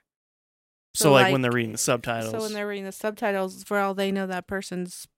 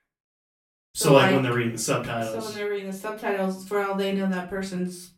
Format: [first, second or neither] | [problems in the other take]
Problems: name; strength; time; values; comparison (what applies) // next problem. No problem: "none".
first | off-mic speech; far // room echo; slight; dies away in 0.3 s